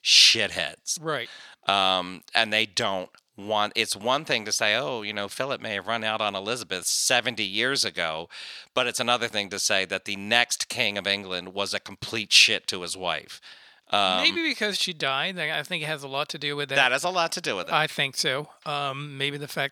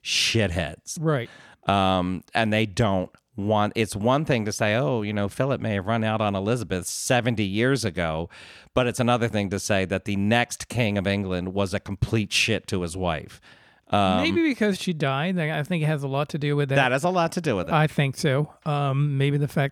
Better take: second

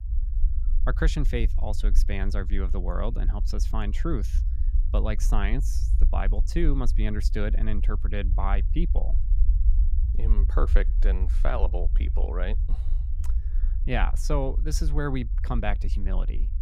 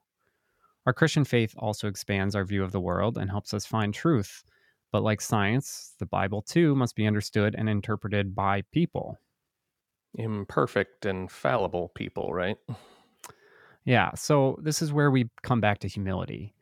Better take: second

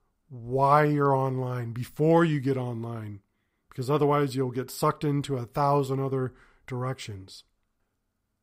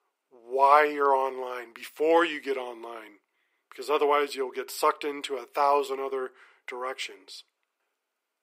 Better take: first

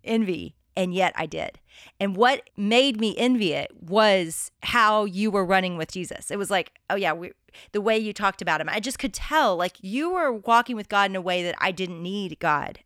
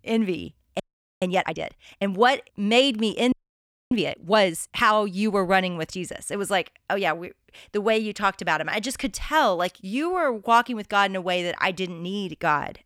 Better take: first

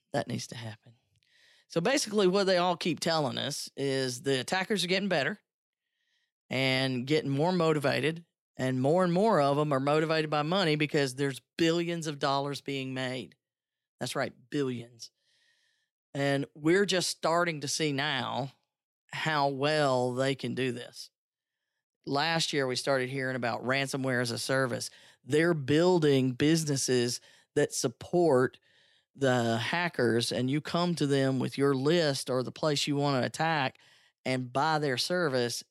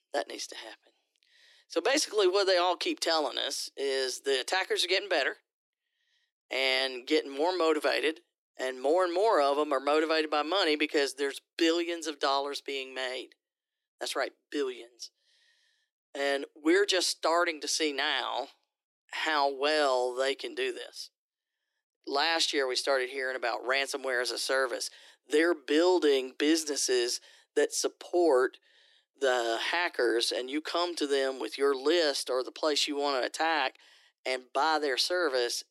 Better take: first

